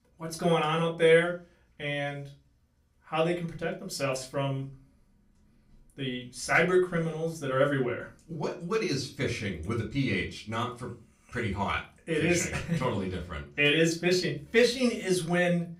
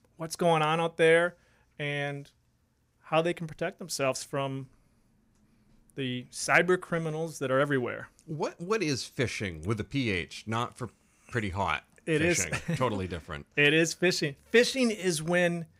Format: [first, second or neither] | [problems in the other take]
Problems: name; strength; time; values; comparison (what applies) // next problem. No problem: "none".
second | off-mic speech; far // room echo; very slight; dies away in 0.3 s